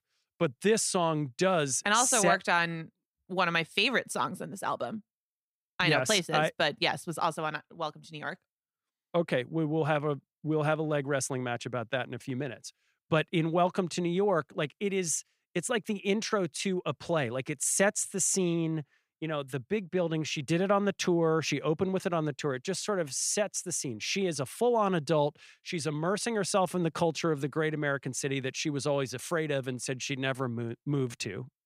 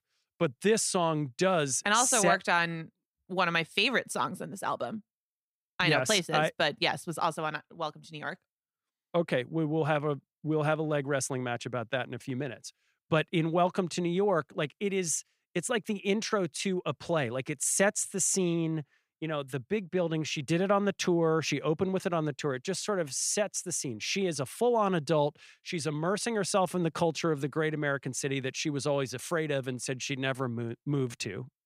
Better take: neither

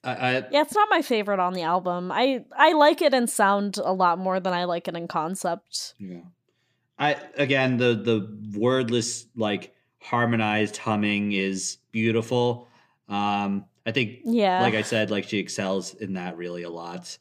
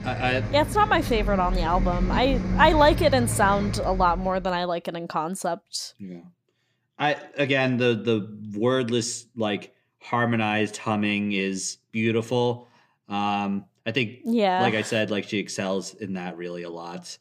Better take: first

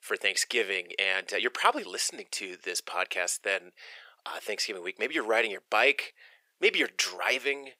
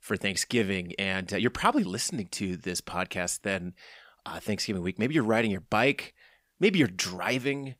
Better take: second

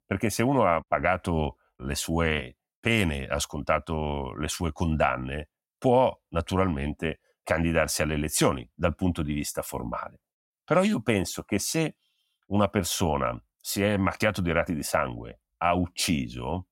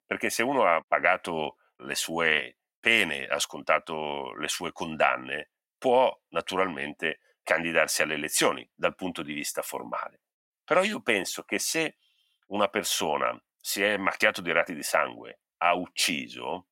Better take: first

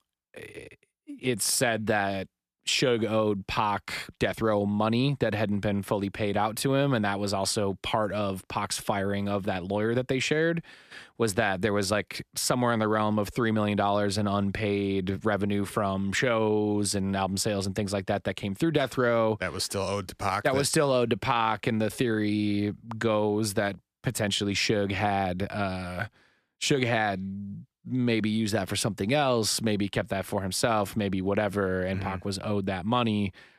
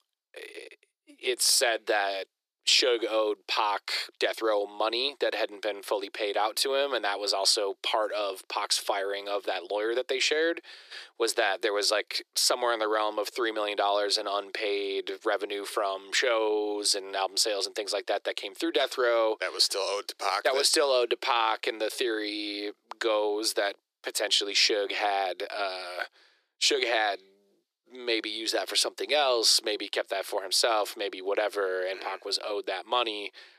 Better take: first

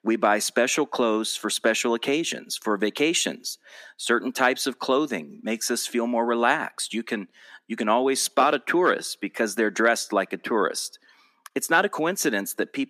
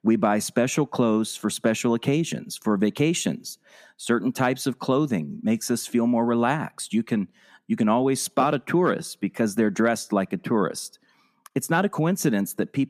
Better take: second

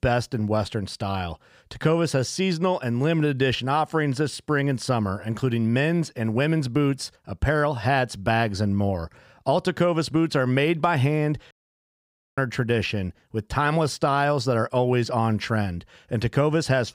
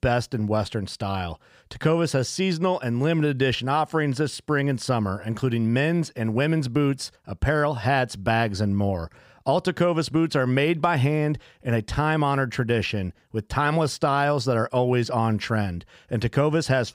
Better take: second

